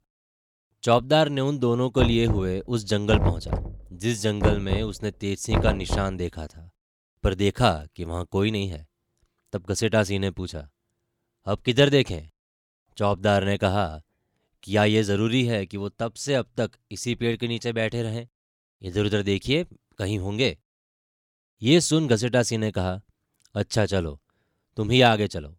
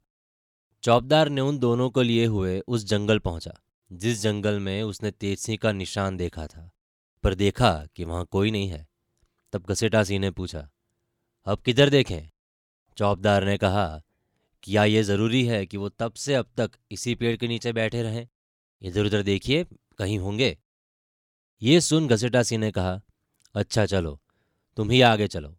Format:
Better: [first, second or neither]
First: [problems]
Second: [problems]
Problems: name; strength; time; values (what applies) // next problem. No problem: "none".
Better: second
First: door banging; noticeable; from 2 to 6 s; peak 1 dB below the speech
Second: none